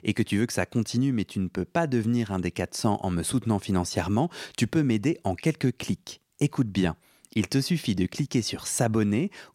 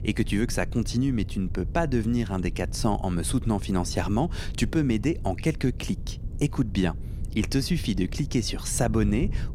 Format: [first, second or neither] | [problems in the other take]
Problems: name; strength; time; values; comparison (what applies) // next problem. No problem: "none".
first | wind noise on the microphone; occasional gusts; 20 dB below the speech